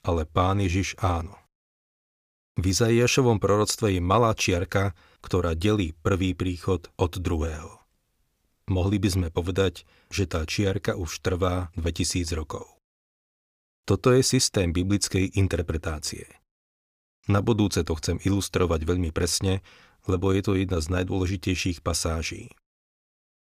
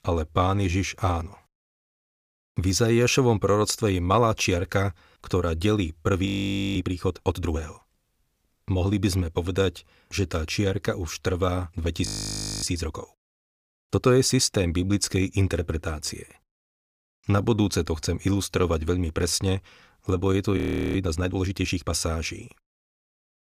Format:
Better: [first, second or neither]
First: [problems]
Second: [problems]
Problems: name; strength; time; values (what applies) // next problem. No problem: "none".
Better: first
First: none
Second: audio freezing; at 6.5 s for 0.5 s, at 12 s for 0.5 s and at 21 s